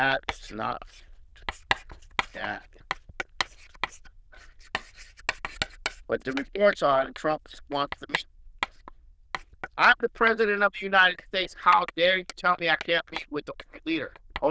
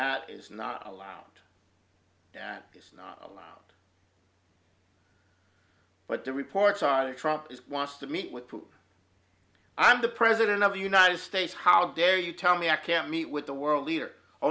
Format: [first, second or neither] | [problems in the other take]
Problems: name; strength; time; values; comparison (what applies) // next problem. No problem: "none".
second | noise reduction (neural diffusion model UNIVERSE++)